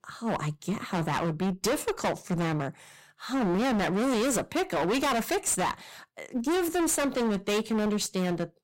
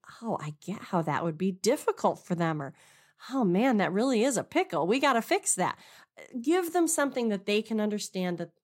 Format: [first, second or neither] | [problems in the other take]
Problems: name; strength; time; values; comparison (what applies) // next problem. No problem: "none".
second | distortion; heavy; 28% of the sound clipped